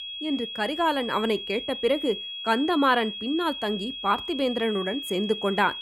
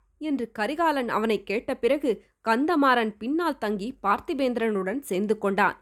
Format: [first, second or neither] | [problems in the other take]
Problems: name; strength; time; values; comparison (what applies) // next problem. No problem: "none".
second | high-pitched whine; loud; throughout; 3.5 kHz, 7 dB below the speech